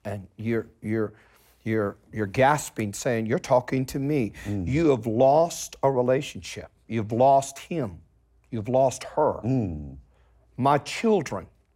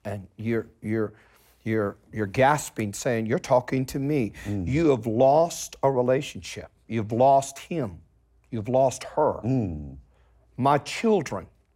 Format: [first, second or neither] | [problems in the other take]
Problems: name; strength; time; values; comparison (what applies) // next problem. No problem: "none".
neither | none